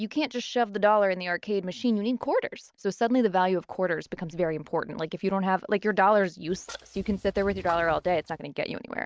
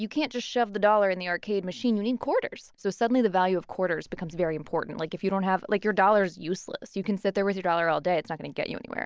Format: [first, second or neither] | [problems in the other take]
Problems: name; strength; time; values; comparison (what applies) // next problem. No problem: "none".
second | noise reduction (neural mask model RNNoise)